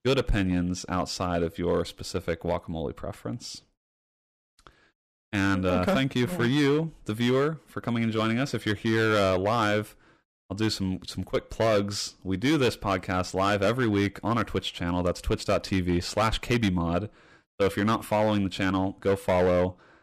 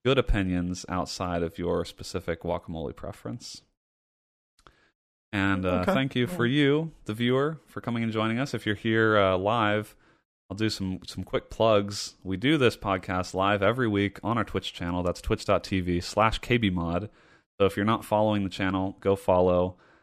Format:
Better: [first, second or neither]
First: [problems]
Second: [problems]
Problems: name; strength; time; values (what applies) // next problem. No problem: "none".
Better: second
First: distortion; slight; 6% of the sound clipped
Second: none